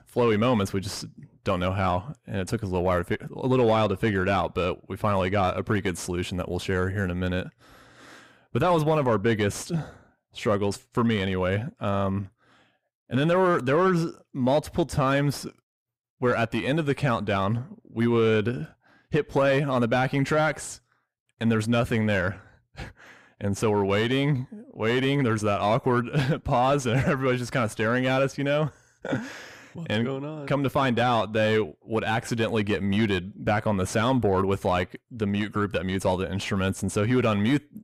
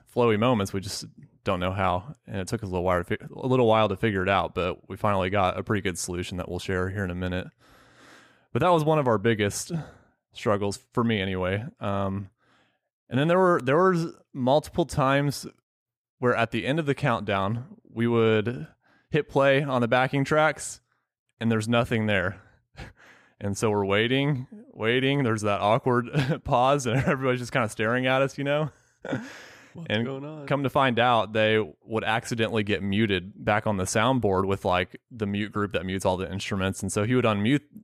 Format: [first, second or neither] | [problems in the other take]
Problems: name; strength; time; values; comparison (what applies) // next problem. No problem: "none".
second | distortion; slight; 10 dB below the speech